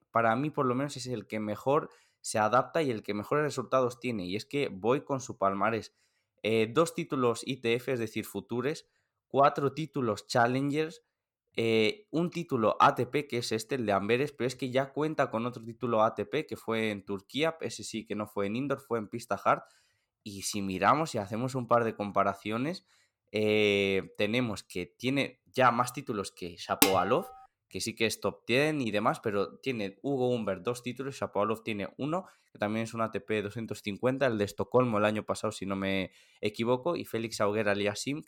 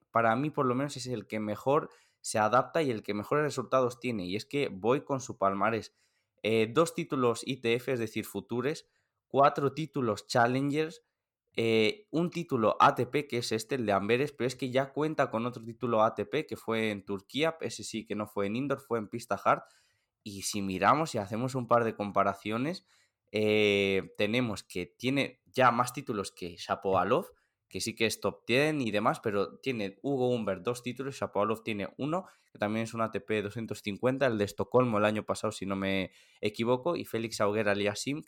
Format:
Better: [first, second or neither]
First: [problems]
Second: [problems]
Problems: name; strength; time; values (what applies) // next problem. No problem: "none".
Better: second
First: clattering dishes; loud; at 27 s; peak 4 dB above the speech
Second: none